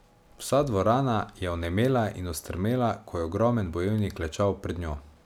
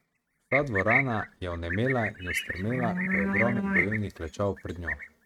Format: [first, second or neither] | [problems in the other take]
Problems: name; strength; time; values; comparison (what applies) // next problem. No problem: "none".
first | noise reduction (neural mask model RNNoise)